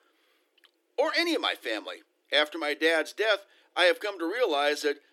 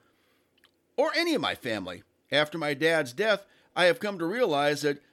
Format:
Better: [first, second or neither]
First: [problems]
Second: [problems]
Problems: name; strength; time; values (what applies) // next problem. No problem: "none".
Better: second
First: thin; somewhat; fading below 300 Hz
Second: none